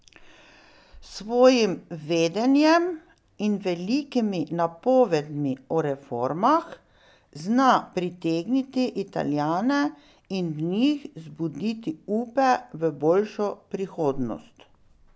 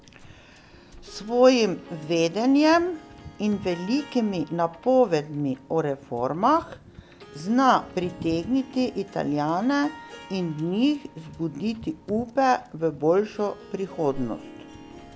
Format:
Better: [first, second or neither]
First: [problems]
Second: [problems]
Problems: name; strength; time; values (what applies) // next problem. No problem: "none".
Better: first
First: none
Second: background sound (Harp + Wind / Boat, Water vehicle); 20 dB below the speech